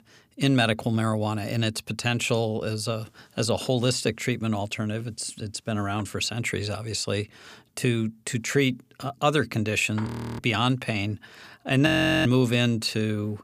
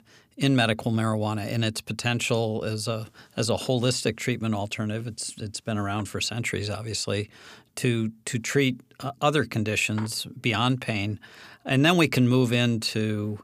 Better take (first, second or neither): second